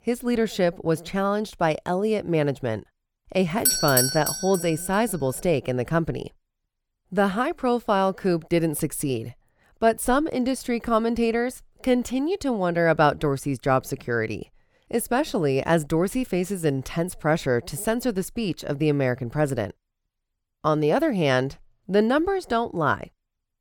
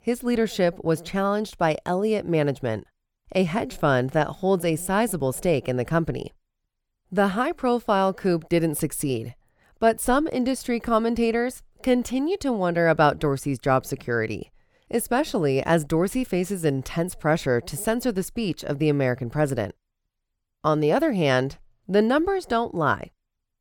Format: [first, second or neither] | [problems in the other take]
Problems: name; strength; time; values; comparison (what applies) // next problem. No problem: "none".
second | doorbell; loud; at 3.5 s; peak 5 dB above the speech